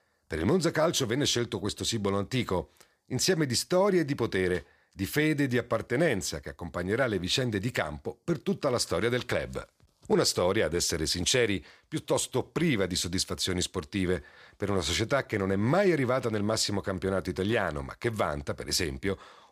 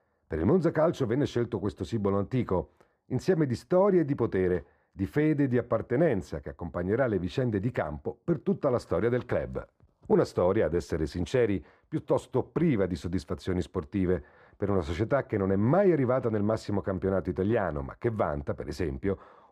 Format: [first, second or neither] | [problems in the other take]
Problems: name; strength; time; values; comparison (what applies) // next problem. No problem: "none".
first | muffled; very; fading above 2 kHz